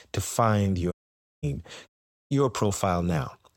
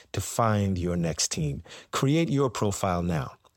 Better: second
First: audio cutting out; at 1 s and at 2 s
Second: none

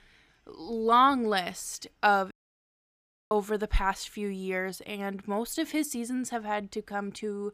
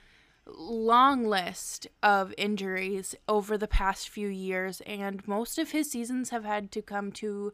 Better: second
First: audio cutting out; at 2.5 s for 1 s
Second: none

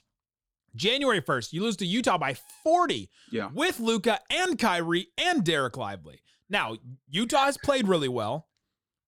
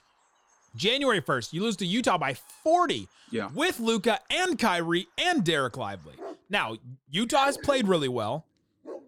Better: first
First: none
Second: animal sounds; faint; throughout; 20 dB below the speech

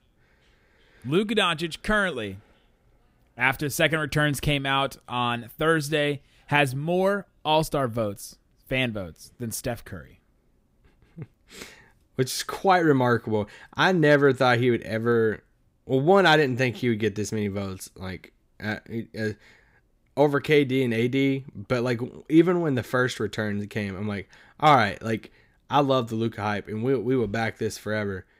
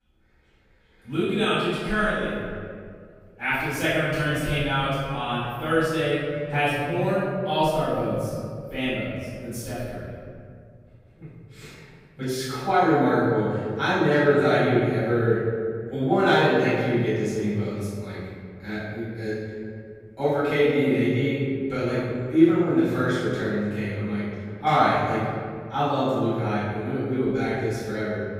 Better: first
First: none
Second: off-mic speech; far // room echo; strong; dies away in 2.2 s

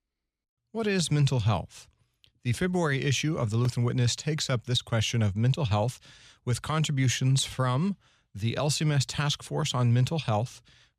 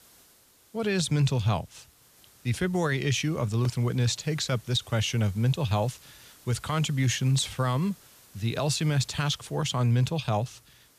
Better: first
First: none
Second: hiss; faint; throughout; 25 dB below the speech

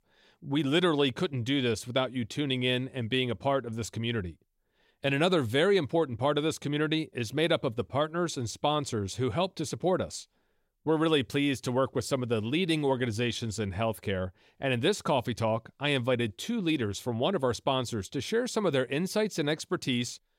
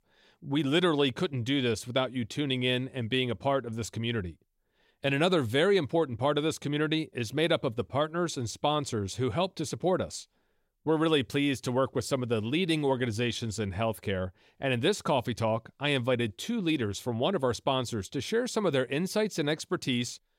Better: neither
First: none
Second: none

